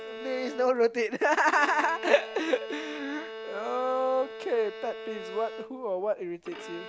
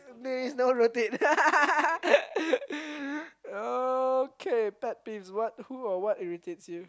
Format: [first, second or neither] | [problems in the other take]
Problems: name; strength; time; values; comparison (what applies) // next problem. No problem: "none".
second | background sound (Bowed string instrument); 12 dB below the speech